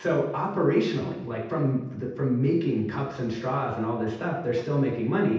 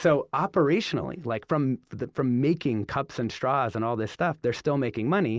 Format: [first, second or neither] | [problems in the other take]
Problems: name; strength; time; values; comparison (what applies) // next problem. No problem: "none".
second | room echo; dies away in 0.8 s